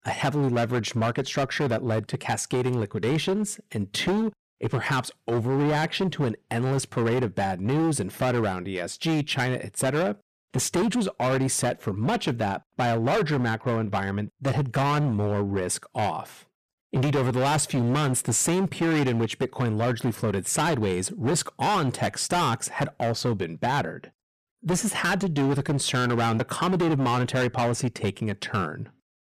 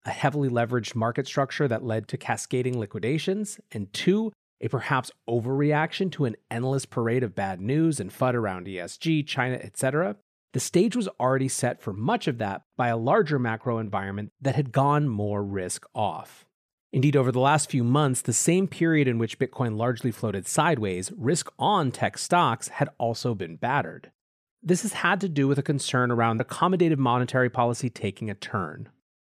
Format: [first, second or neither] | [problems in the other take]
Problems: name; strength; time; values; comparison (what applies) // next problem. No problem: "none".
second | distortion; heavy; 19% of the sound clipped